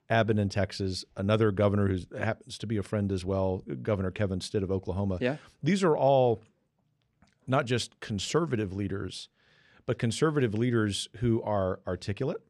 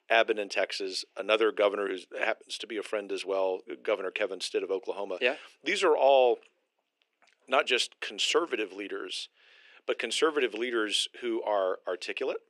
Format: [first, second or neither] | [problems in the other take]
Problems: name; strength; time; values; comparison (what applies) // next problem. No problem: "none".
first | thin; very; fading below 350 Hz